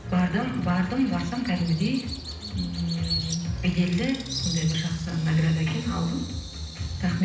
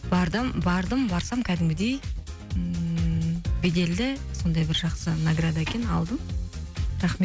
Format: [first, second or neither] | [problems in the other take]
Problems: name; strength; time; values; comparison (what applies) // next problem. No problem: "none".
second | background sound (Bird vocalization, bird call, bird song); 13 dB below the speech // room echo; dies away in 0.8 s